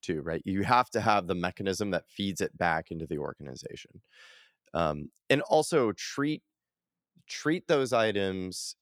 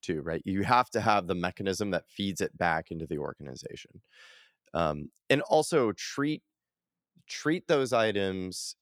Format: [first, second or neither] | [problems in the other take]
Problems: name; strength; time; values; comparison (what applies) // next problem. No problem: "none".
neither | none